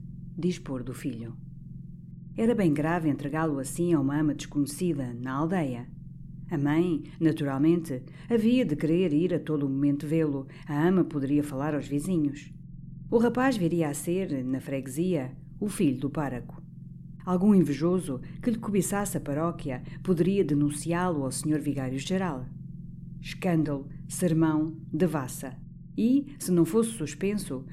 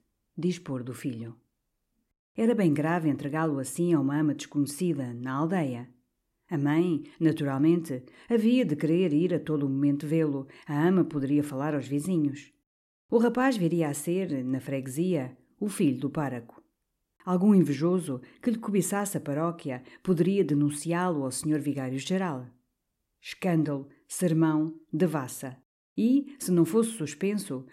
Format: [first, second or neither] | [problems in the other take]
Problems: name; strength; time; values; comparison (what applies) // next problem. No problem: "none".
second | low rumble; faint; throughout; 25 dB below the speech